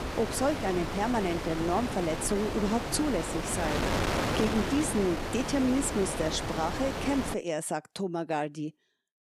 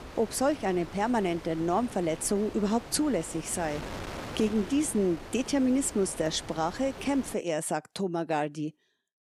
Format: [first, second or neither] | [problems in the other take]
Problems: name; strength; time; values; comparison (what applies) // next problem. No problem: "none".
second | wind noise on the microphone; heavy; until 7.5 s; 1 dB below the speech; occasional gusts in the second